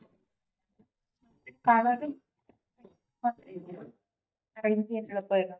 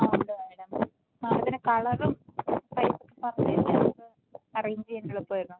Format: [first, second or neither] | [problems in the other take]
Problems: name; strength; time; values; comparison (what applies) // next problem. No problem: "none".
second | noise reduction (neural mask model DeepFilterNet 3)